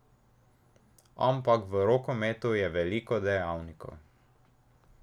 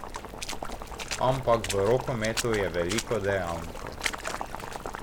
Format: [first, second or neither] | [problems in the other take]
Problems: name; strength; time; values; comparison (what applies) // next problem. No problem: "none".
first | background sound (Boiling + Water / Splash, splatter); 5 dB below the speech